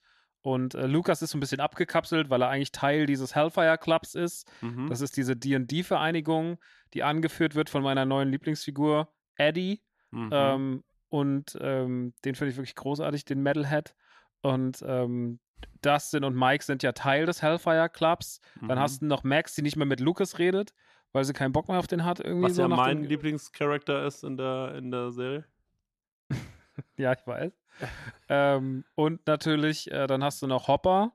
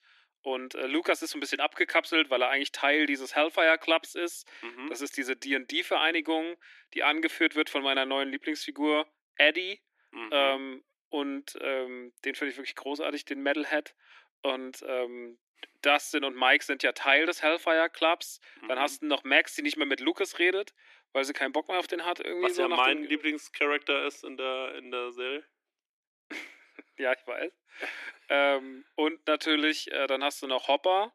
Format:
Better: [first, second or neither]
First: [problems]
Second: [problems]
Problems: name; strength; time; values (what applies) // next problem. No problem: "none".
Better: first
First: none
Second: thin; somewhat; fading below 300 Hz